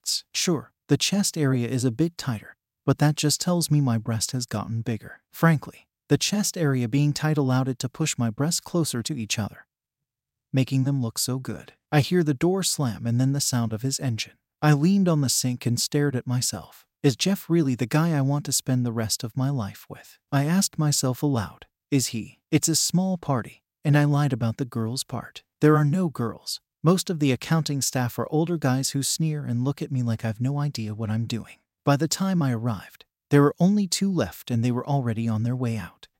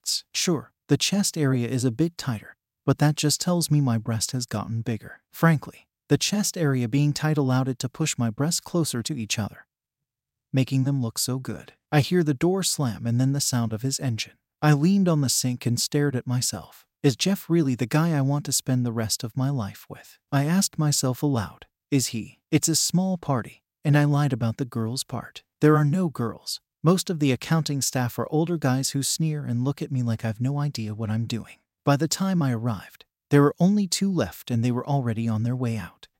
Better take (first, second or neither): neither